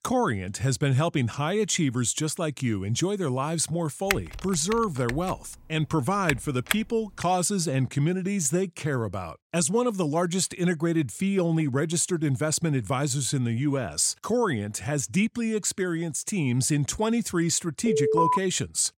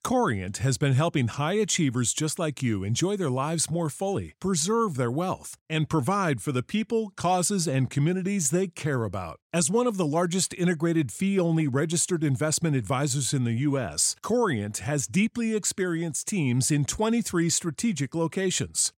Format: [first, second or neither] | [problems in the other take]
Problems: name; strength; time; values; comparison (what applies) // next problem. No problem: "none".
second | keyboard typing; noticeable; from 4 to 7 s; peak 3 dB below the speech // alarm; loud; at 18 s; peak 3 dB above the speech